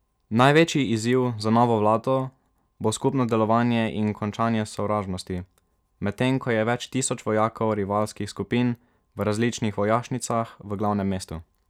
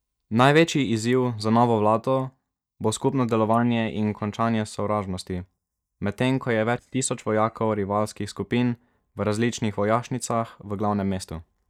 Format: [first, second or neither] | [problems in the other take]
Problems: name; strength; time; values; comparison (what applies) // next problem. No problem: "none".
first | noise reduction (neural mask model DeepFilterNet 3)